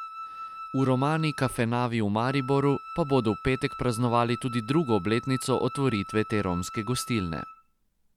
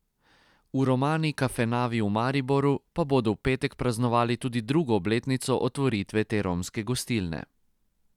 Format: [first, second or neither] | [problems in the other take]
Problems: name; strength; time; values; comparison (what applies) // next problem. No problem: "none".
second | background sound (Wind instrument, woodwind instrument); 13 dB below the speech